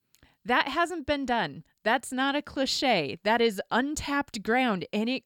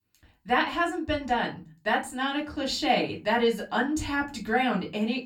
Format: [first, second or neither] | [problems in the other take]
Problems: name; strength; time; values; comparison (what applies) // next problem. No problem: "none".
first | off-mic speech; far // room echo; very slight; dies away in 0.2 s